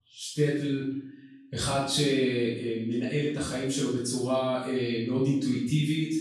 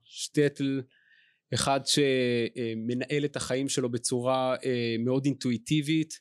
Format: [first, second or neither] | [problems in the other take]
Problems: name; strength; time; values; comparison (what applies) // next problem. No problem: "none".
second | off-mic speech; far // room echo; noticeable; dies away in 0.7 s